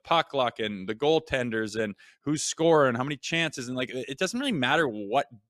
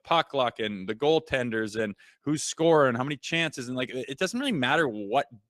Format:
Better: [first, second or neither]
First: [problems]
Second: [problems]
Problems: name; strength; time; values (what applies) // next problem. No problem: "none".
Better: first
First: none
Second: garbled, watery; slightly; nothing above 14.5 kHz